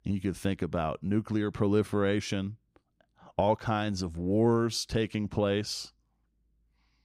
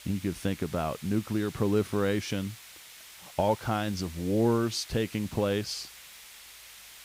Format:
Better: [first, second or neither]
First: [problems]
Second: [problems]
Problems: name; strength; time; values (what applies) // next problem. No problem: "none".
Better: first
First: none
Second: hiss; noticeable; throughout; 15 dB below the speech